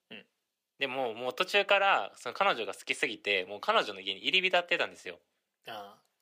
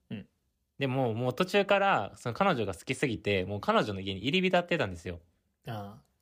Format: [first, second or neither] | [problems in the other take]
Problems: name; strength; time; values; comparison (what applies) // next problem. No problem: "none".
second | thin; somewhat; fading below 450 Hz